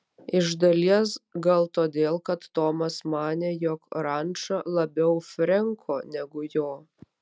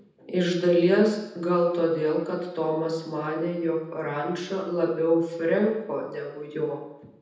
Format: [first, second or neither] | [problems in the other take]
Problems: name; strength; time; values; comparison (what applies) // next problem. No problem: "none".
first | room echo; dies away in 0.9 s